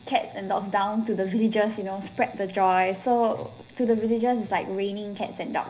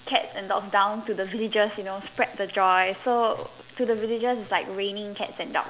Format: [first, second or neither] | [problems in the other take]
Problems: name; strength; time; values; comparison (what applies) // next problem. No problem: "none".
second | room echo; dies away in 0.5 s